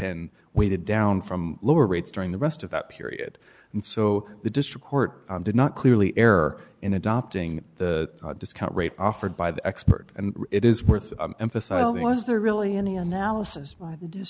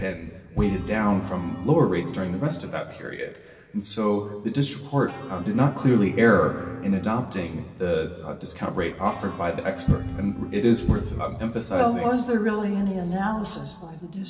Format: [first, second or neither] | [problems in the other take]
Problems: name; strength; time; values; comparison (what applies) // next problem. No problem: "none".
first | background sound (Electric guitar / Bass guitar); 14 dB below the speech // room echo; dies away in 2.1 s